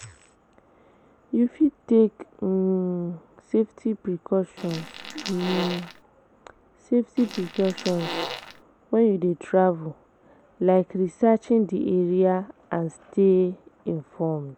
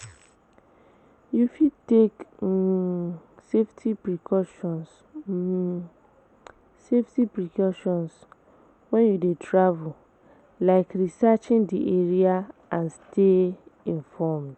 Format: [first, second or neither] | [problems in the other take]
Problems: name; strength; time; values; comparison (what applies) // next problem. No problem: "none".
second | background sound (Fart); 10 dB below the speech